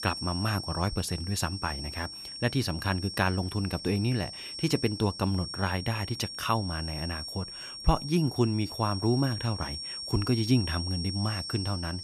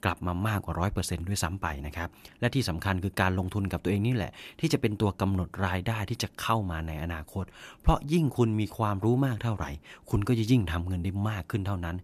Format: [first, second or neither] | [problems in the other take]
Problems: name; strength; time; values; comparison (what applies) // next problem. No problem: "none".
second | high-pitched whine; loud; throughout; 5.5 kHz, 7 dB below the speech